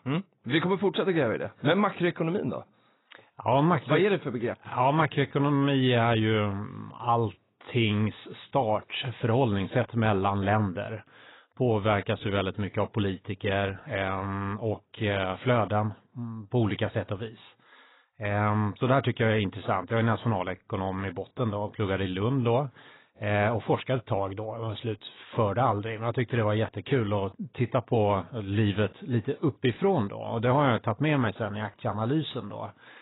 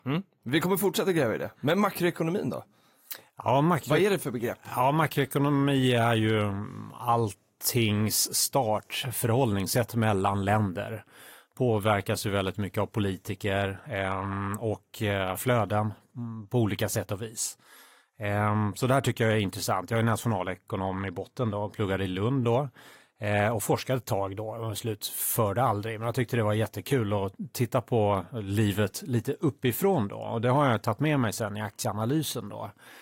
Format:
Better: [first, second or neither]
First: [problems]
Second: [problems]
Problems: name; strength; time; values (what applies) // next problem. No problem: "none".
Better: second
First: garbled, watery; badly; nothing above 4 kHz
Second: garbled, watery; slightly; nothing above 15.5 kHz